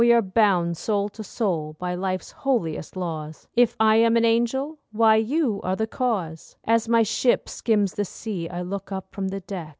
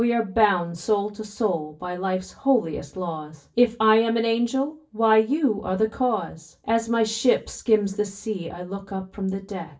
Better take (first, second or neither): first